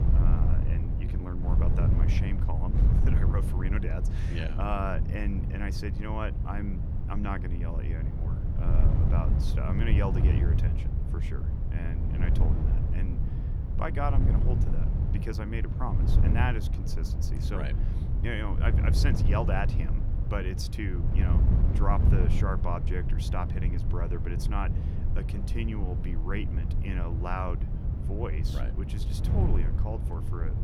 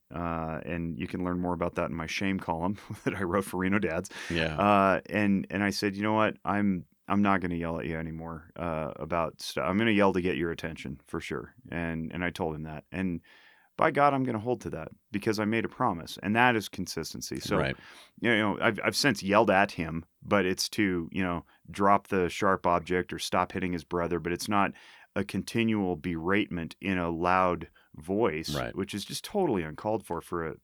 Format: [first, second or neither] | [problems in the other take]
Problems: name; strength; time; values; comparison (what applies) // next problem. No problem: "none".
second | wind noise on the microphone; heavy; 4 dB below the speech